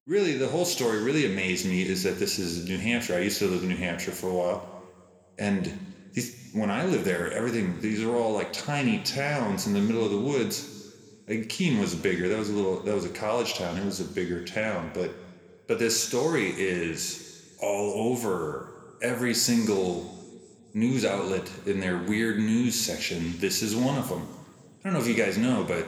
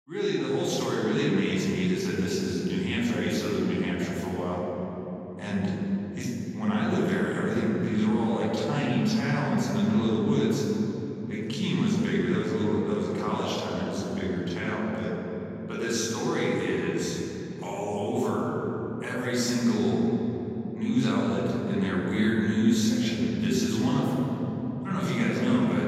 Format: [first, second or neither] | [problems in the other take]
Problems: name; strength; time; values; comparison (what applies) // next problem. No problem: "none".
first | room echo; strong; dies away in 3 s; slight in the first // off-mic speech; far